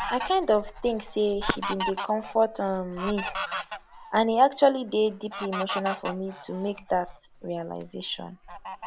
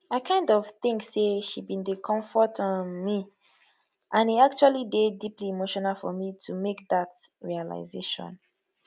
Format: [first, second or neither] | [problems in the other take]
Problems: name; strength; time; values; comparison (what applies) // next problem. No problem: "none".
second | background sound (Fowl); 9 dB below the speech